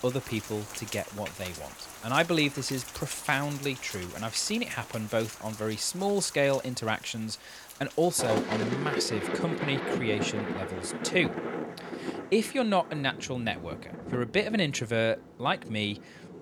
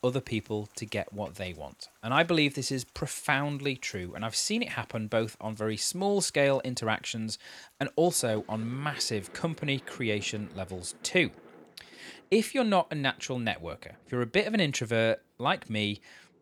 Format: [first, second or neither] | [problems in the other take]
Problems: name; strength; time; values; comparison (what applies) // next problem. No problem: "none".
second | rain or running water; loud; throughout; 7 dB below the speech; faint in the second